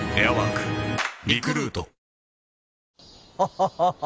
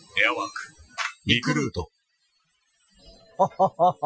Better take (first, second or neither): first